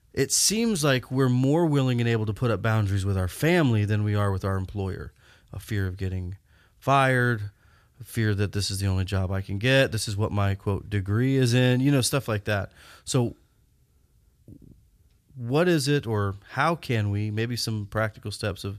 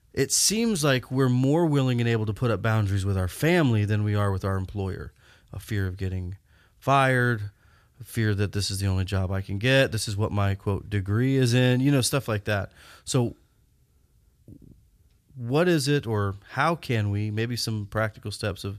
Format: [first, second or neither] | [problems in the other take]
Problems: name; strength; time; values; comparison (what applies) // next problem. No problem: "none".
neither | none